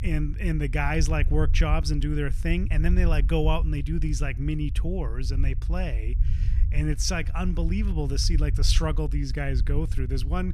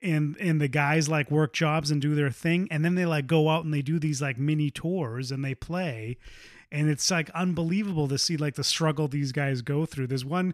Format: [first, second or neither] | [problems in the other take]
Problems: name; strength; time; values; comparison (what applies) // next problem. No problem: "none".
second | low rumble; noticeable; throughout; 15 dB below the speech